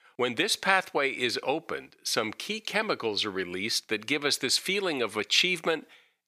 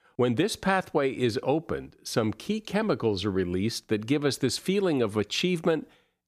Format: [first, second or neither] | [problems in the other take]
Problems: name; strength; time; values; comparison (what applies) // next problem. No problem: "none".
second | thin; somewhat; fading below 1 kHz